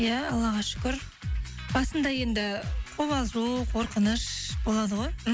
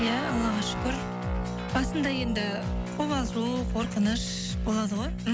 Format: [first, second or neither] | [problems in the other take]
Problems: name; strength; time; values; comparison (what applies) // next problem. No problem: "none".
first | background sound (Guitar); 5 dB below the speech